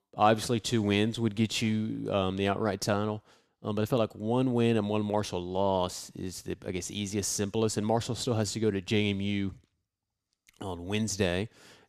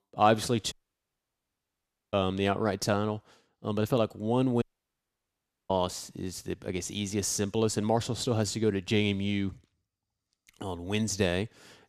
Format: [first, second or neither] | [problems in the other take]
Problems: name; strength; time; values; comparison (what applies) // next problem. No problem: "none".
first | audio cutting out; at 0.5 s for 1.5 s and at 4.5 s for 1 s